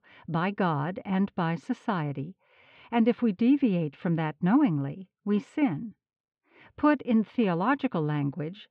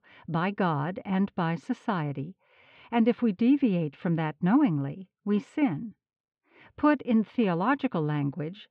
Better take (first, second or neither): neither